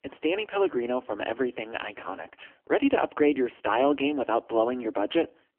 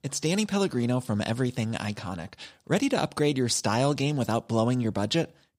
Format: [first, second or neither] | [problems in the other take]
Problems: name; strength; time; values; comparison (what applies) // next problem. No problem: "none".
second | phone-call audio; poor line; nothing above 3 kHz